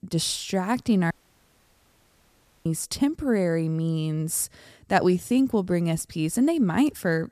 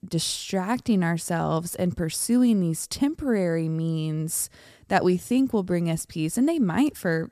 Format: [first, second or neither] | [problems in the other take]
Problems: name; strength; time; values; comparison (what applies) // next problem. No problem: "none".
second | audio cutting out; at 1 s for 1.5 s